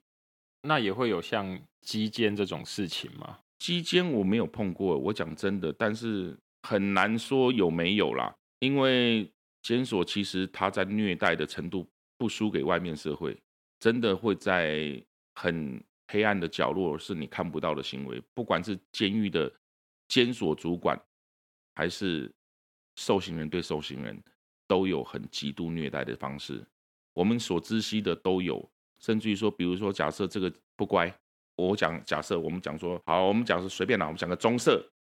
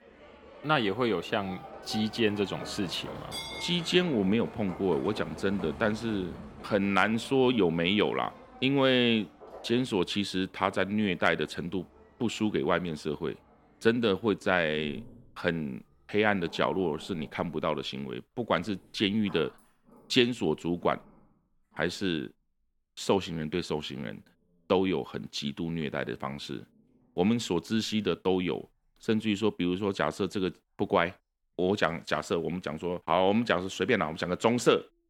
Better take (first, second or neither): first